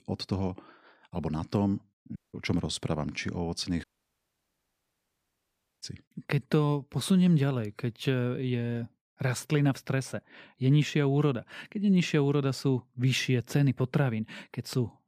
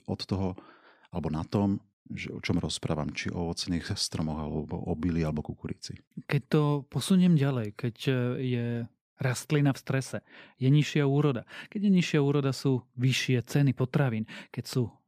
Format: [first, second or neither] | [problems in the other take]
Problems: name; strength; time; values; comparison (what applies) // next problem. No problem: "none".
second | audio cutting out; at 2 s and at 4 s for 2 s